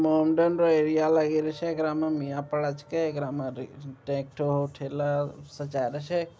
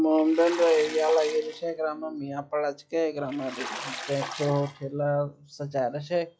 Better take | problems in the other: first | noise reduction (classical method log-MMSE)

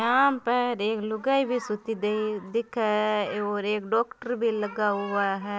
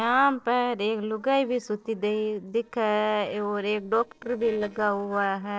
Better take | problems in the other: first | noise reduction (neural separator model SepFormer DNS4)

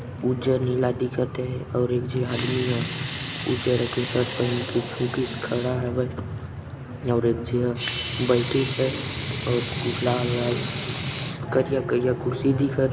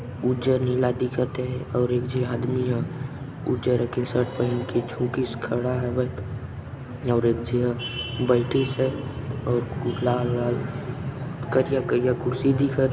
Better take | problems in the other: second | background sound (Sink (filling or washing) / Water tap, faucet / Liquid); 12 dB below the speech

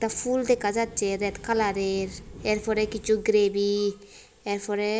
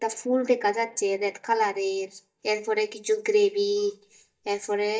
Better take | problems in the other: first | noise reduction (neural mask model DeepFilterNet 3)

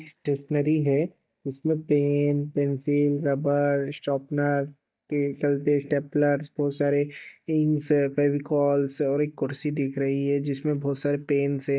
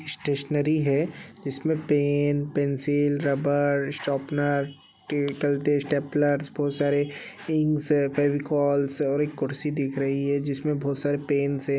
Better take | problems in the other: second | noise reduction (neural mask model DeepFilterNet 3)

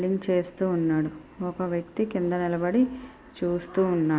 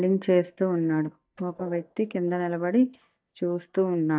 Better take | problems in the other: first | noise reduction (neural mask model DeepFilterNet 3)

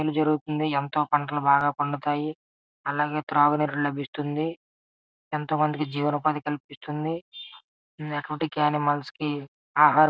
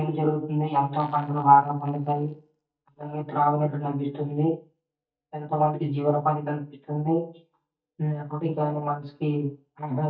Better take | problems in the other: first | noise reduction (neural mask model DeepFilterNet 3)

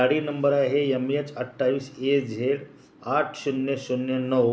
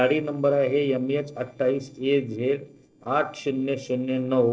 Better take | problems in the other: first | noise reduction (neural separator model SepFormer DNS4)

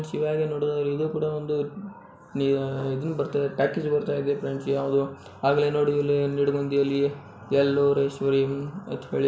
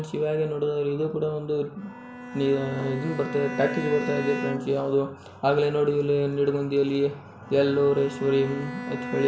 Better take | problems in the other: first | background sound (Bowed string instrument); 11 dB below the speech

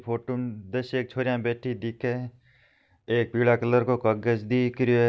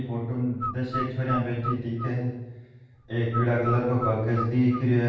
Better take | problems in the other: first | background sound (Bird); 9 dB below the speech // room echo; dies away in 1.2 s

